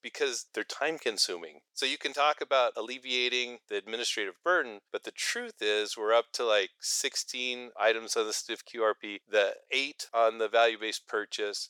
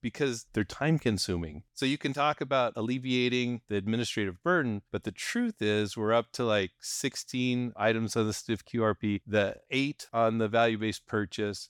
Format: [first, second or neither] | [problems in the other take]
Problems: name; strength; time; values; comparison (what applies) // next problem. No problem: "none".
second | thin; very; fading below 450 Hz